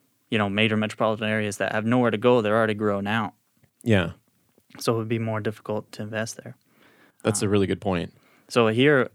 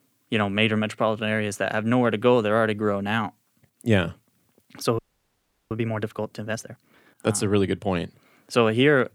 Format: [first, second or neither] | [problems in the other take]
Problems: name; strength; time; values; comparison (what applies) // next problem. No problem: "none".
first | audio freezing; at 5 s for 0.5 s